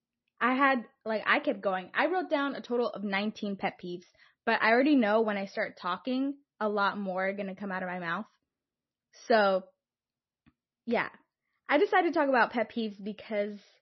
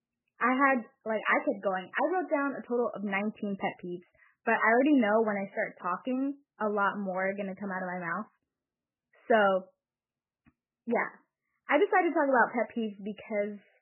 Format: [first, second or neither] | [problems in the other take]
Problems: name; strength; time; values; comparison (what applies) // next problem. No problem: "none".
first | garbled, watery; badly; nothing above 3 kHz; slightly in the first